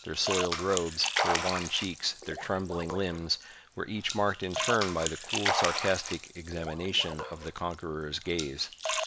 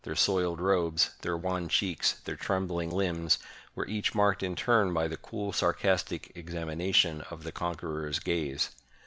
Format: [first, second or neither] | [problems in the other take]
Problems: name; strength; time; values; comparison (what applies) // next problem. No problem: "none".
second | background sound (Splash, splatter); 3 dB below the speech